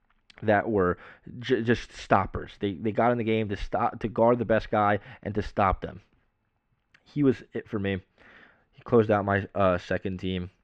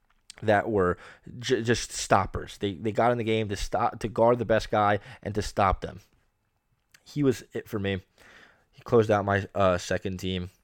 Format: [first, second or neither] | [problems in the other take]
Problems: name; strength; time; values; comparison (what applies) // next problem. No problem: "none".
second | muffled; slightly; fading above 2.5 kHz